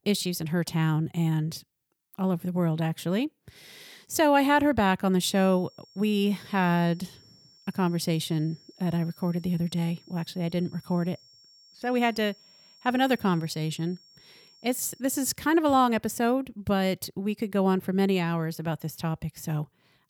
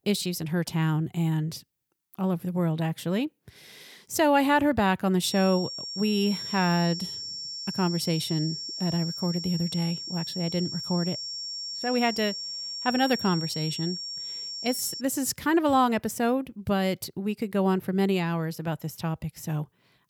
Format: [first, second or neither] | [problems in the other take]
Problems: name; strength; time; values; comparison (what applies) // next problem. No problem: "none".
first | high-pitched whine; loud; from 5 to 15 s; 5.5 kHz, 6 dB below the speech; faint in the first